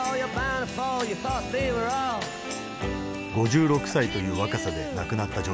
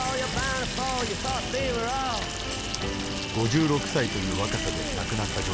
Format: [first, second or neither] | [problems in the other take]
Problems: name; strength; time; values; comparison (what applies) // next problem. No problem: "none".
first | background sound (Sink (filling or washing) / Water tap, faucet + Bus); 4 dB below the speech